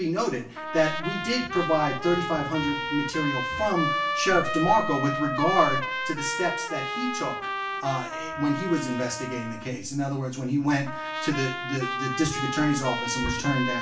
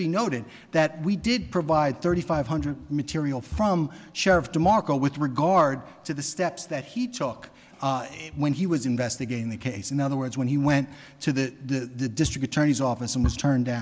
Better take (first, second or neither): second